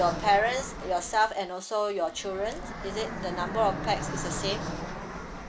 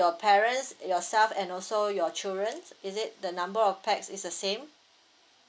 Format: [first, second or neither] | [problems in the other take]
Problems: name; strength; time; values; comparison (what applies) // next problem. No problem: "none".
second | background sound (Fixed-wing aircraft, airplane); 7 dB below the speech